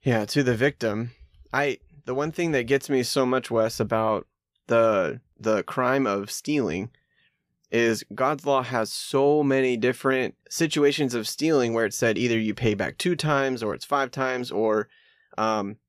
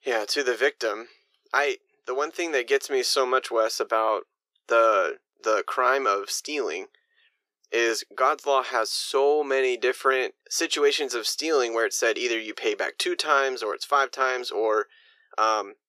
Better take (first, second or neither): first